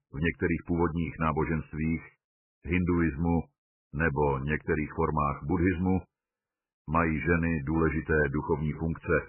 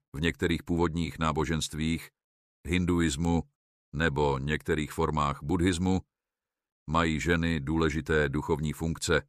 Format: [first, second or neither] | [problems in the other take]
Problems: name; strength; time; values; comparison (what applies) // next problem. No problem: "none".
second | garbled, watery; badly; nothing above 2.5 kHz